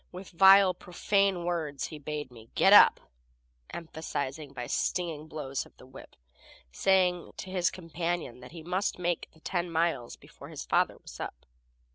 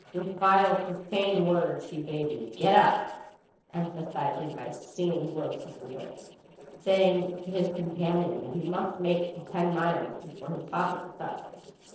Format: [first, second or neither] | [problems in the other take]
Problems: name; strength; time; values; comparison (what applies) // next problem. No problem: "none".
first | noise reduction (neural separator model SepFormer DNS4)